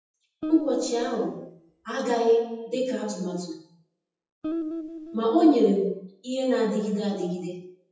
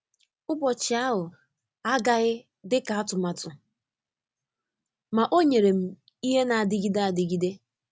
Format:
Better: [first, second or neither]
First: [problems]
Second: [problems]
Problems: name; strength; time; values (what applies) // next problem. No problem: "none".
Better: second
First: noise reduction (classical method WPE with log-MMSE)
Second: none